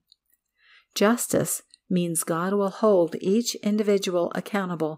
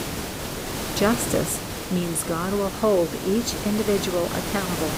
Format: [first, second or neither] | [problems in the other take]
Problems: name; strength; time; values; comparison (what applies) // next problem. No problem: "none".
first | hiss; loud; throughout; 5 dB below the speech